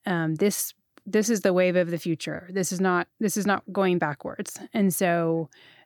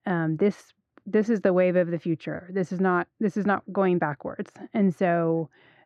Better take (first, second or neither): first